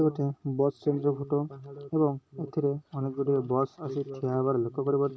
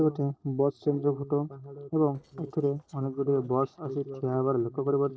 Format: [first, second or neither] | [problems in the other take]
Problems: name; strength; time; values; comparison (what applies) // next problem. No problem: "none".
first | noise reduction (neural separator model SepFormer DNS4)